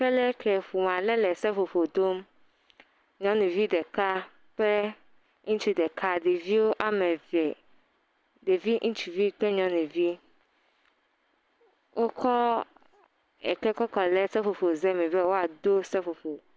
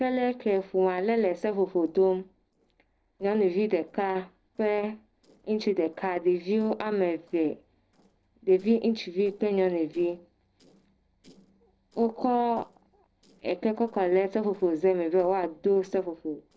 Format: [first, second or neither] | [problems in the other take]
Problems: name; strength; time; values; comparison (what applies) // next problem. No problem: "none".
first | noise reduction (neural separator model SepFormer DNS4)